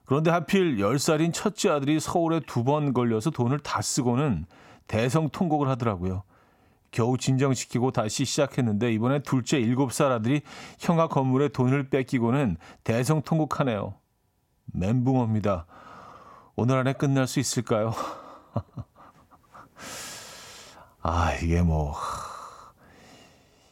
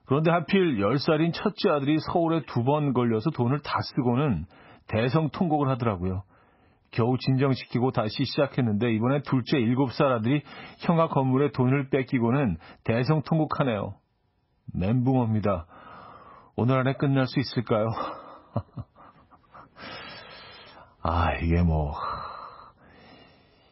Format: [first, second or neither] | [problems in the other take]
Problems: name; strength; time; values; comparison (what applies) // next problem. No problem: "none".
first | garbled, watery; badly; nothing above 5.5 kHz